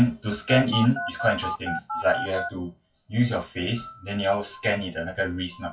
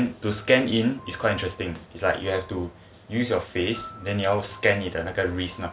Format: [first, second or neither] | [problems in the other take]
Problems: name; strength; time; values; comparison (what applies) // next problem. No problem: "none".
second | noise reduction (classical method WPE with log-MMSE)